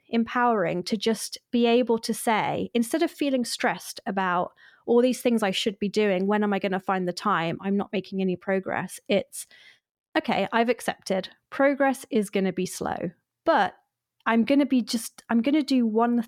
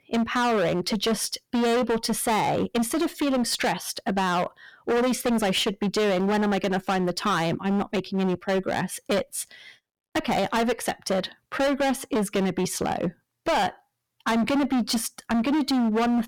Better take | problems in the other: first | distortion; heavy; 22% of the sound clipped

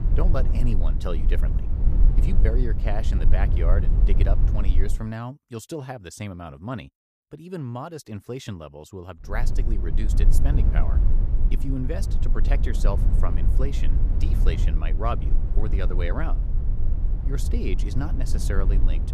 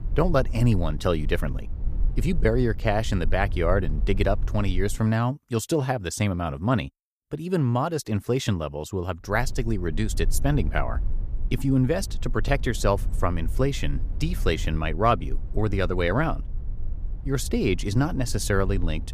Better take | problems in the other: second | low rumble; loud; until 5 s and from 9.5 s on; 6 dB below the speech; faint in the second

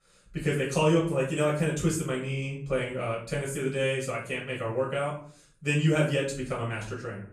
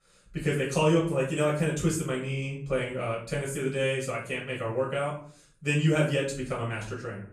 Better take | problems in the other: neither | off-mic speech; far; the same in both // room echo; slight; dies away in 0.4 s; the same in both

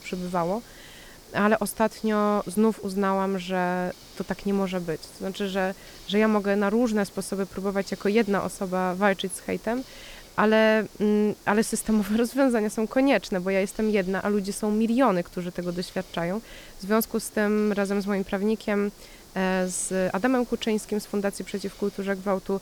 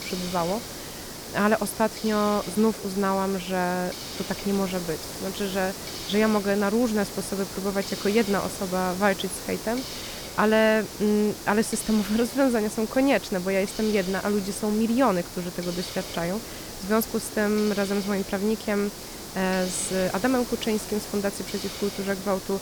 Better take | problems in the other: first | hiss; loud; throughout; 9 dB below the speech; faint in the first

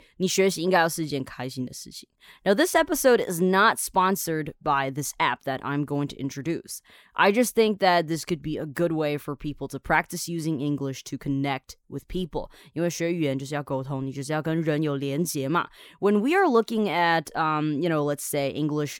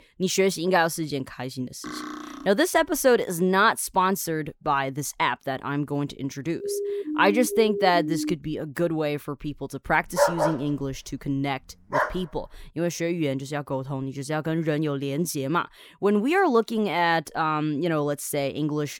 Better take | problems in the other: first | clattering dishes; faint; at 2 s; peak 10 dB below the speech // siren; noticeable; from 6.5 to 8.5 s; peak 4 dB below the speech // dog barking; loud; from 10 to 12 s; peak 3 dB above the speech

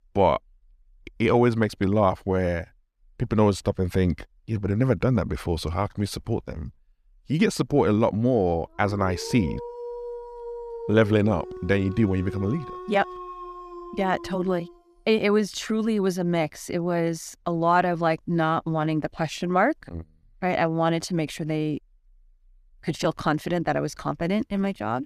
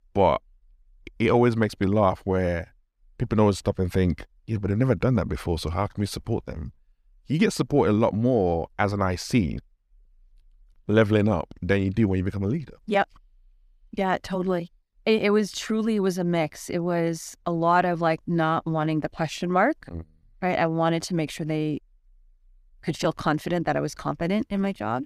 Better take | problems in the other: second | dog barking; faint; from 9 to 15 s; peak 10 dB below the speech

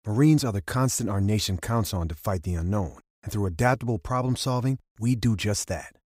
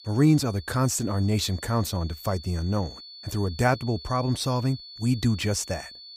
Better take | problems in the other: first | high-pitched whine; noticeable; throughout; 4.5 kHz, 15 dB below the speech

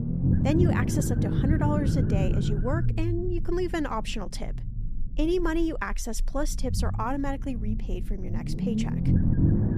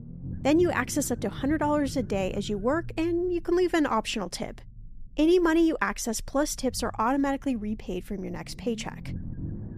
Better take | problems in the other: second | low rumble; loud; throughout; 3 dB below the speech; faint in the second

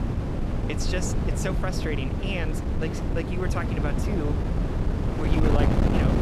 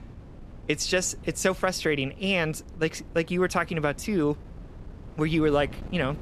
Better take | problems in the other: second | wind noise on the microphone; heavy; as loud as the speech; occasional gusts in the second

